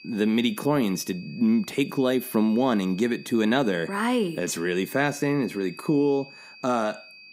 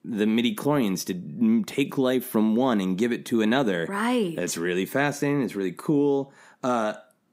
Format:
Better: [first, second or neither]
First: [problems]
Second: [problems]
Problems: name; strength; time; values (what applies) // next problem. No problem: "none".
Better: second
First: high-pitched whine; noticeable; throughout; 2.5 kHz, 20 dB below the speech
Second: none